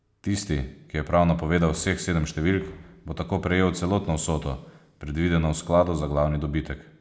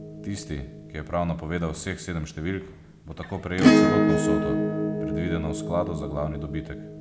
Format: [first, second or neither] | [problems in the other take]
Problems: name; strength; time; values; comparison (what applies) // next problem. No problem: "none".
first | background sound (Acoustic guitar / Strum); 5 dB above the speech